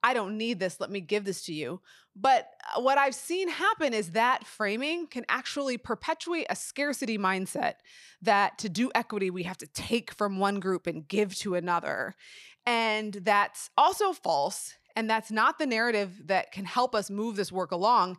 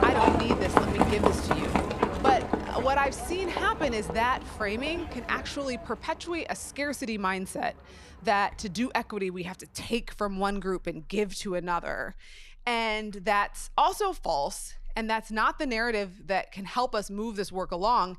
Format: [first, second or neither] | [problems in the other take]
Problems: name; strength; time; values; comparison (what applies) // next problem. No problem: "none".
first | animal sounds; very loud; throughout; 1 dB above the speech